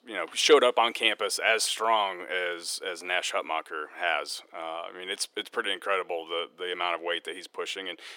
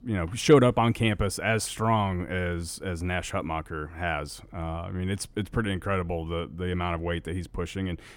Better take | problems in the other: second | thin; very; fading below 400 Hz

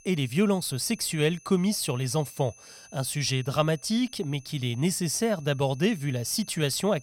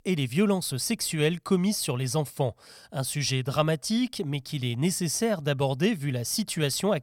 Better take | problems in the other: second | high-pitched whine; faint; throughout; 6.5 kHz, 25 dB below the speech

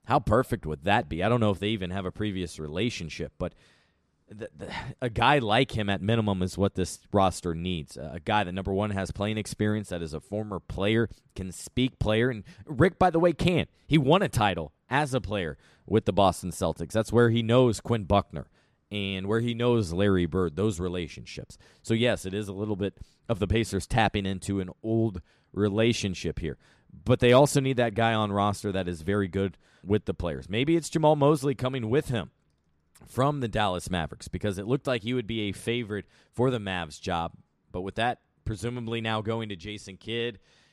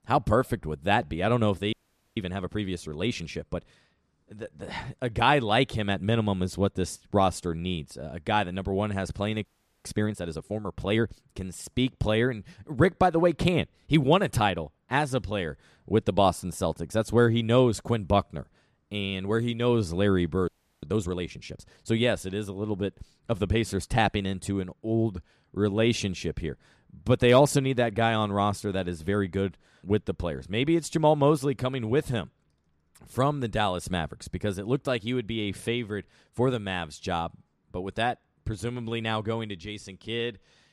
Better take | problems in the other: first | audio freezing; at 1.5 s, at 9.5 s and at 20 s

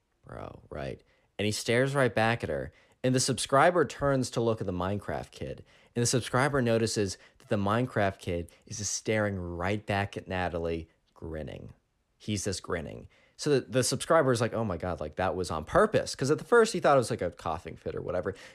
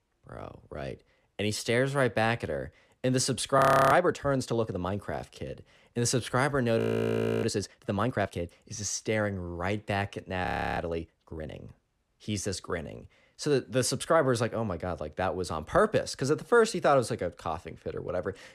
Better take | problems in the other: first | audio freezing; at 3.5 s, at 7 s for 0.5 s and at 10 s

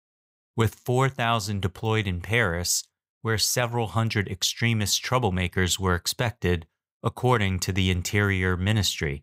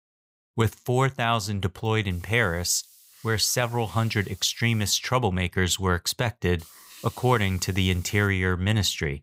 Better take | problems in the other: first | hiss; faint; from 2 to 5 s and from 6.5 to 8.5 s; 25 dB below the speech

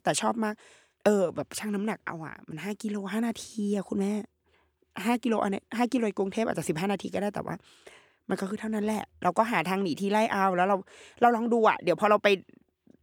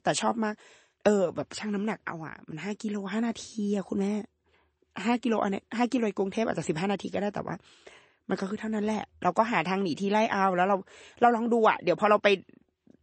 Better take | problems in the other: first | garbled, watery; slightly; nothing above 8 kHz

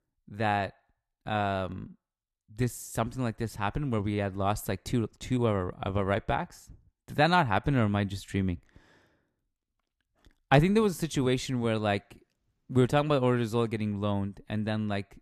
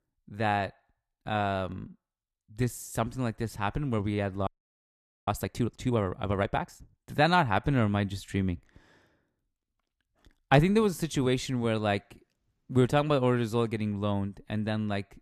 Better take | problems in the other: first | audio freezing; at 4.5 s for 1 s

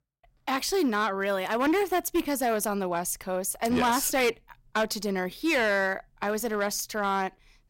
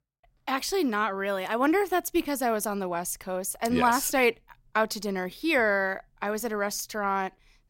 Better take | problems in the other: second | distortion; slight; 7% of the sound clipped

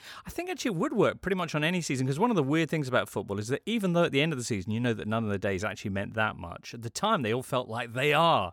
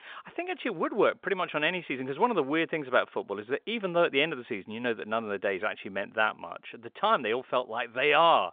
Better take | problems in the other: first | phone-call audio; nothing above 3.5 kHz

